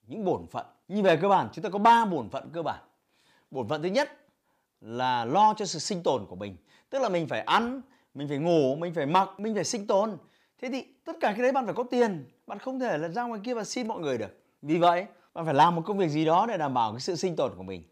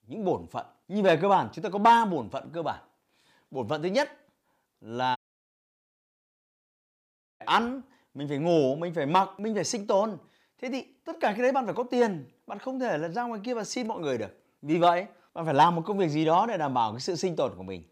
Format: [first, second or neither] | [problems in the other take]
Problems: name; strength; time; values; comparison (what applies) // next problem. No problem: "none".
first | audio cutting out; at 5 s for 2 s